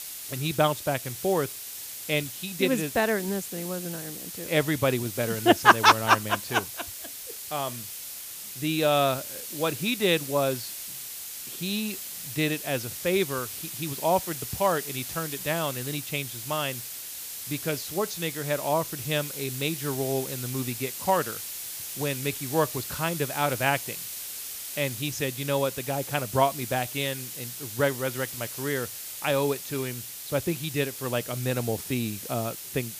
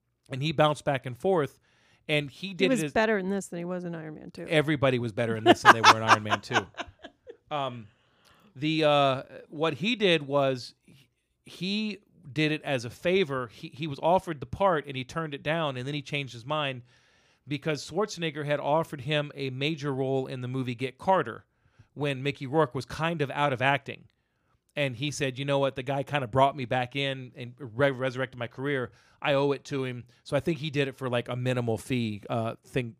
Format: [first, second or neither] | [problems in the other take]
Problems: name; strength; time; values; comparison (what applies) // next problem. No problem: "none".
second | hiss; loud; throughout; 7 dB below the speech